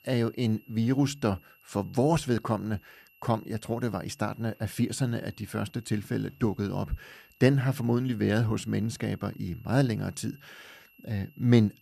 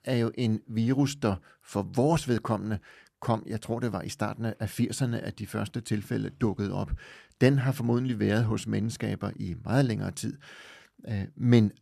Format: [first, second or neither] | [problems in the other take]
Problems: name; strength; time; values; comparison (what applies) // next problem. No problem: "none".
second | high-pitched whine; faint; throughout; 2.5 kHz, 30 dB below the speech